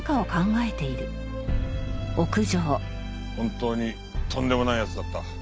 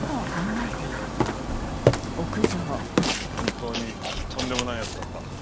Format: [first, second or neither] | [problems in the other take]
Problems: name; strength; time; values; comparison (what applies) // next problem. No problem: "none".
first | background sound (Burping, eructation); 4 dB above the speech